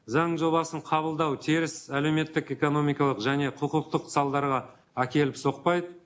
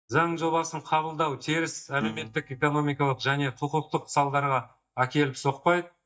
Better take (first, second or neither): first